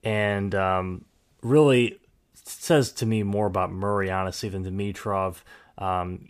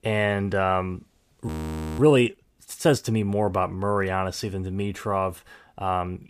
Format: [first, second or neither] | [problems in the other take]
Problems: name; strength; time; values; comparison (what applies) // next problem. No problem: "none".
first | audio freezing; at 1.5 s for 0.5 s